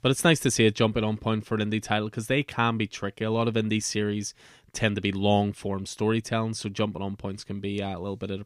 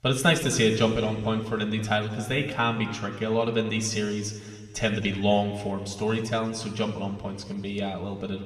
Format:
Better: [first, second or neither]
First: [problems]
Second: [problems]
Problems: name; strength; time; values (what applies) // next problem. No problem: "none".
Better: first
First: none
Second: room echo; slight; dies away in 1.7 s